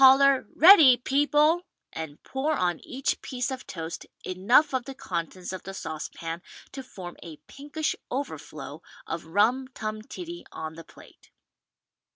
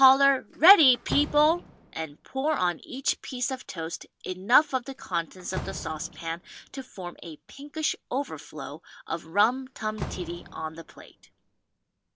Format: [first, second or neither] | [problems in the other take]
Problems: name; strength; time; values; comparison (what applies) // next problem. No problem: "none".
first | background sound (Slam); 16 dB below the speech